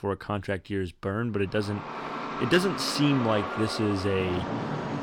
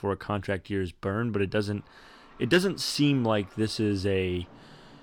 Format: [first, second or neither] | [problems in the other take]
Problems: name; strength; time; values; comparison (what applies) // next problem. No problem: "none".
second | traffic noise; loud; from 1.5 s on; 5 dB below the speech; faint in the second